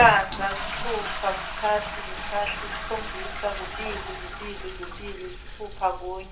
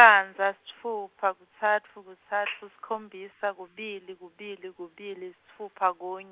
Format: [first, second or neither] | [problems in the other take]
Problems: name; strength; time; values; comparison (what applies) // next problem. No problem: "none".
second | background sound (Toilet flush); 5 dB below the speech // room echo; dies away in 0.3 s